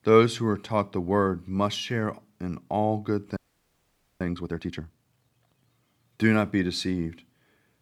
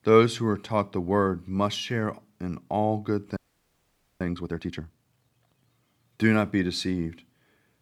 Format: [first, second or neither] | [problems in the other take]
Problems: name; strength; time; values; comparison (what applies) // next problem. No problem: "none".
neither | audio freezing; at 3.5 s for 1 s; the same in both